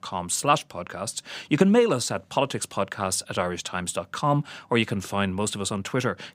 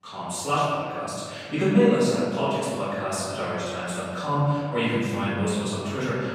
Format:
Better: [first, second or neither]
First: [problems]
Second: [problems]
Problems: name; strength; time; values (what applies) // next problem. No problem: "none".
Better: first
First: none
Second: off-mic speech; far // room echo; strong; dies away in 2 s